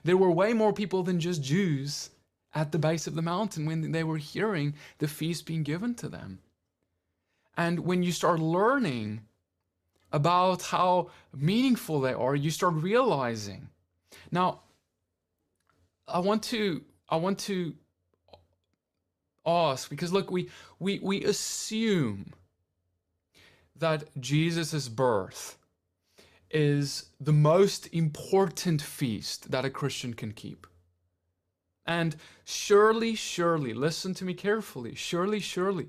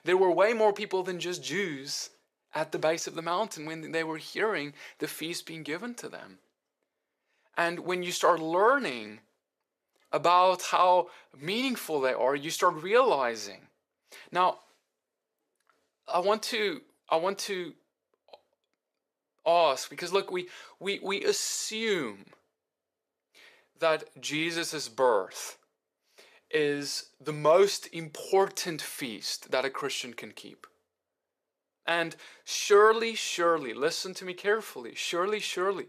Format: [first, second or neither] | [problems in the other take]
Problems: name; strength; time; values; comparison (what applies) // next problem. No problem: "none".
first | thin; somewhat; fading below 450 Hz